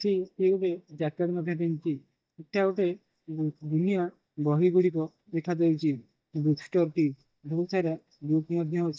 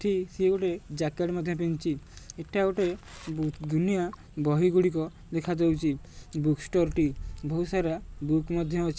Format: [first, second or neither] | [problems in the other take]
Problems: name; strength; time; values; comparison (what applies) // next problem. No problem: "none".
second | noise reduction (neural mask model DeepFilterNet 3)